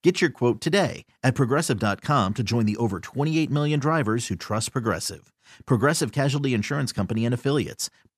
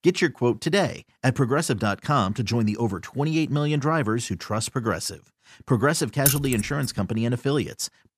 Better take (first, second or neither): first